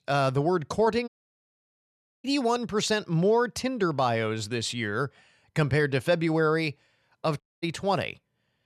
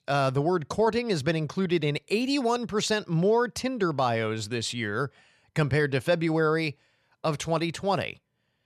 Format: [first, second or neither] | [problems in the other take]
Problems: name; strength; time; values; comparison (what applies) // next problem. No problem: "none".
second | audio cutting out; at 1 s for 1 s and at 7.5 s